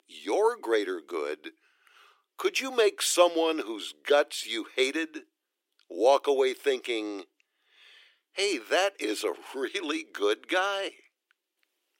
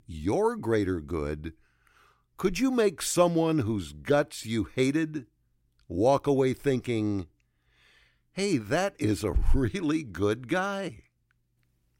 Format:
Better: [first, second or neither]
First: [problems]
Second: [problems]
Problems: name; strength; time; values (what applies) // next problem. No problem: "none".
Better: second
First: thin; very; fading below 350 Hz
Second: none